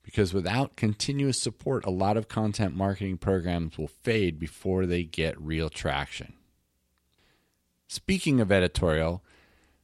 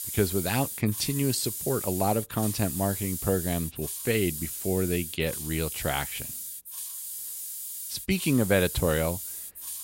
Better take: first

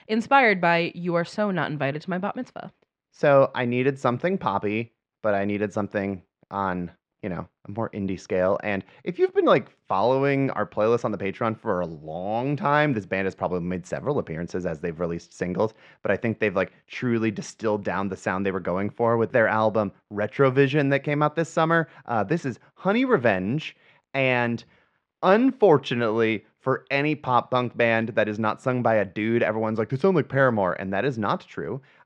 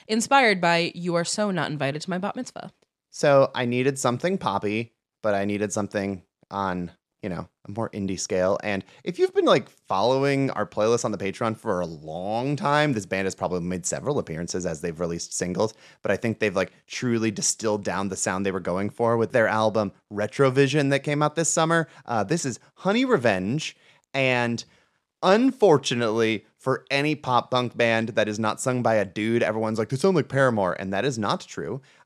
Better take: second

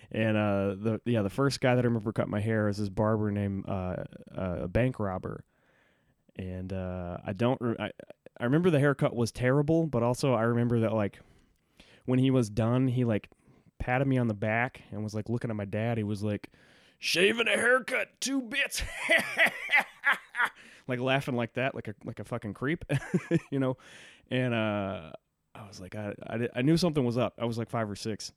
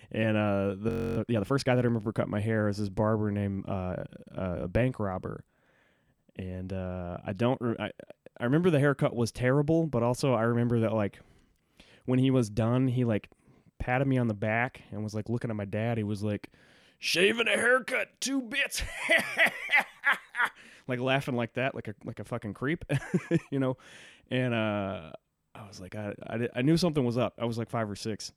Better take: first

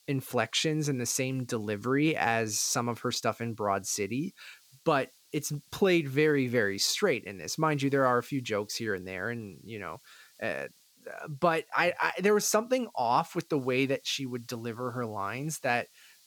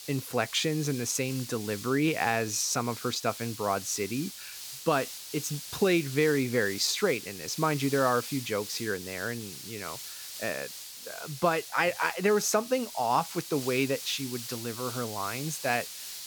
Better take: first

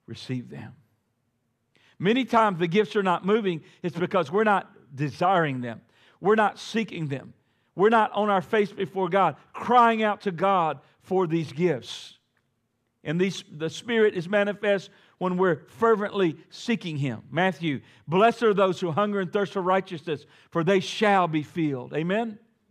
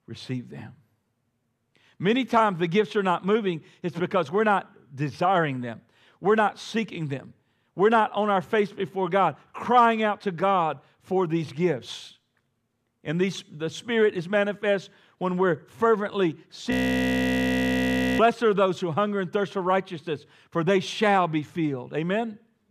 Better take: first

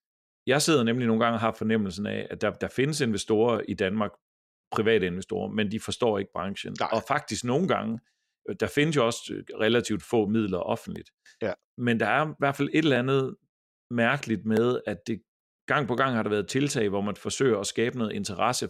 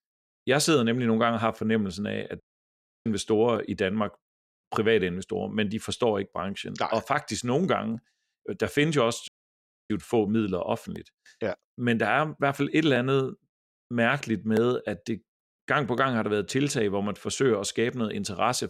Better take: first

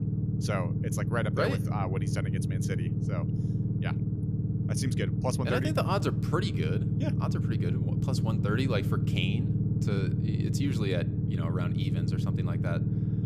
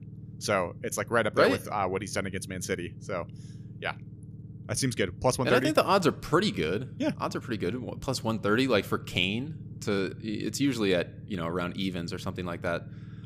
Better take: second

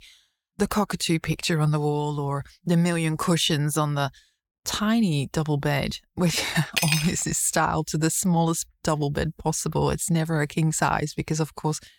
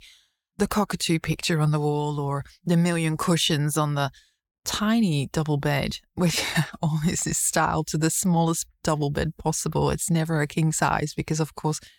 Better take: second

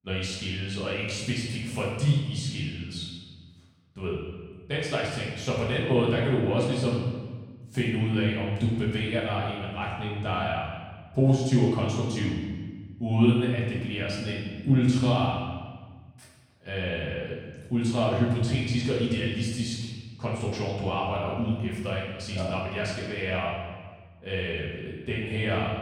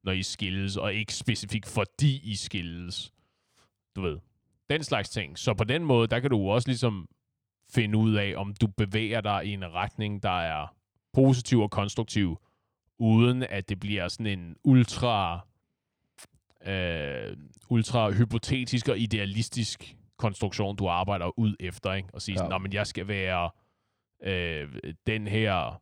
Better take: second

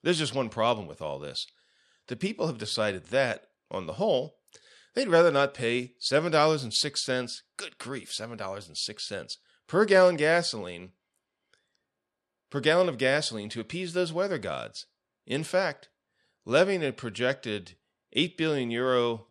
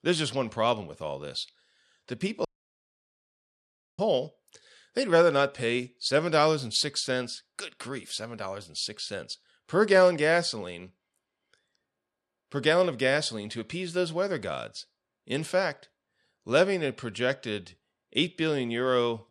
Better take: first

